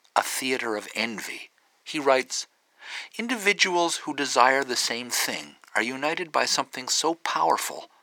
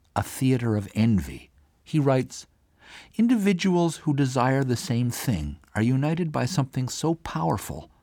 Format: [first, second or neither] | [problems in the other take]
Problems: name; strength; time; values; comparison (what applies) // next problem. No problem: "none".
second | thin; very; fading below 400 Hz